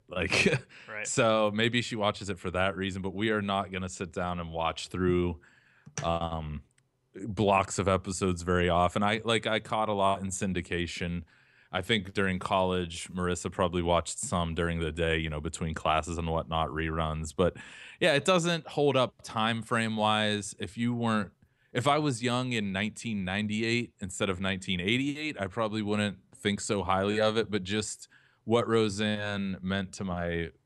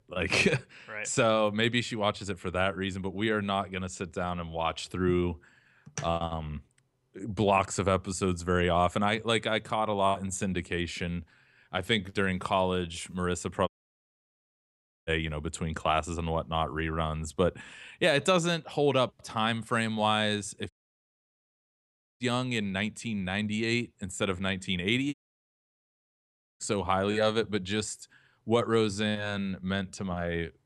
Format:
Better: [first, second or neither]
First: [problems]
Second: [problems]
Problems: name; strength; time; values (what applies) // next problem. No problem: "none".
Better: first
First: none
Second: audio cutting out; at 14 s for 1.5 s, at 21 s for 1.5 s and at 25 s for 1.5 s